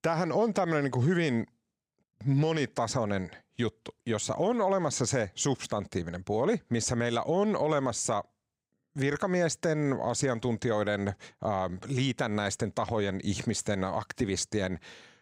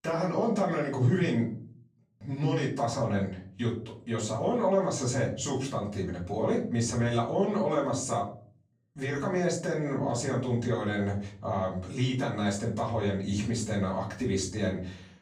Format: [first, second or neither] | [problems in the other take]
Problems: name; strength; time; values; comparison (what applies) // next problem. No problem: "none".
first | off-mic speech; far // room echo; slight; dies away in 0.5 s